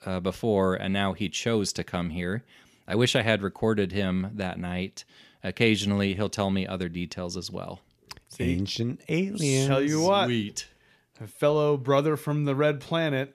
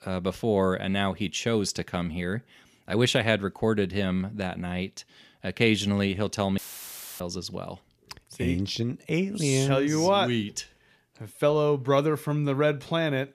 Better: first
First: none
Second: audio cutting out; filled with static; at 6.5 s for 0.5 s

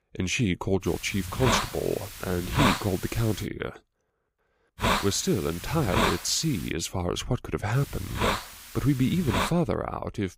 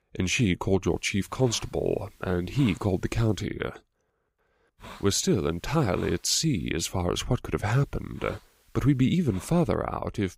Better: second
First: hiss; loud; from 1 to 3.5 s, from 5 to 6.5 s and from 7.5 to 9.5 s; 2 dB below the speech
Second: hiss; faint; from 1 to 3.5 s, from 5 to 6.5 s and from 7.5 to 9.5 s; 25 dB below the speech

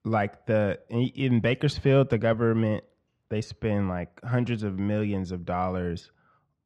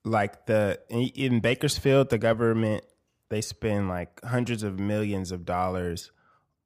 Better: second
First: muffled; very slightly; fading above 3.5 kHz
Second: none

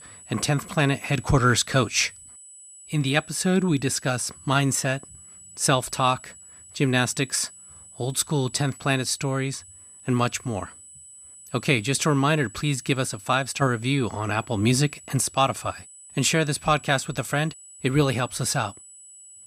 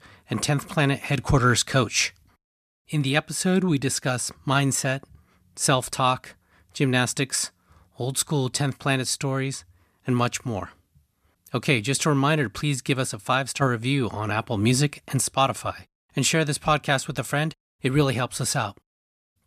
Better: second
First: high-pitched whine; noticeable; throughout; 8 kHz, 20 dB below the speech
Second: none

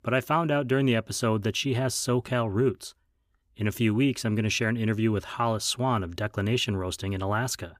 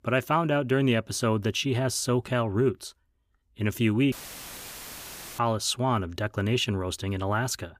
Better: first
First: none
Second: audio cutting out; filled with static; at 4 s for 1.5 s

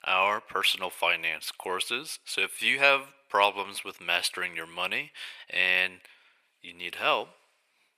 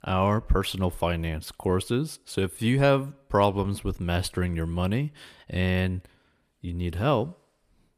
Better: second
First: thin; very; fading below 800 Hz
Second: none

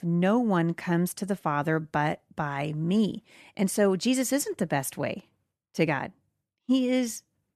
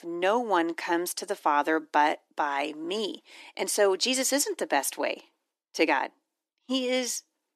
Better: first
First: none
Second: thin; somewhat; fading below 300 Hz

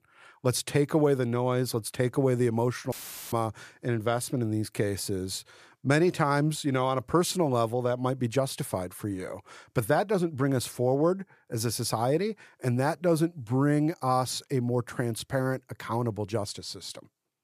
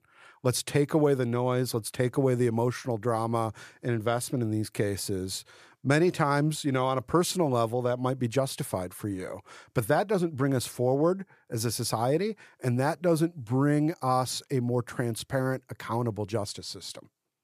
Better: second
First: audio cutting out; filled with static; at 3 s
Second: none

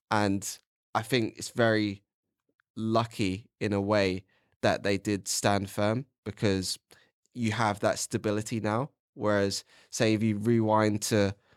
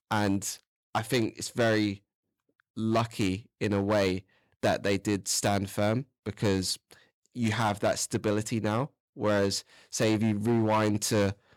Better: first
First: none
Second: distortion; slight; 6% of the sound clipped

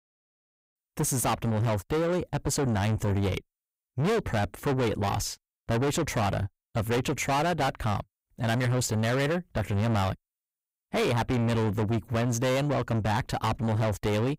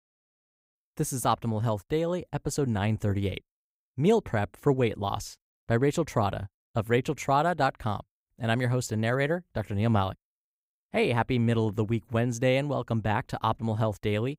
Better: second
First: distortion; heavy; 6 dB below the speech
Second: none

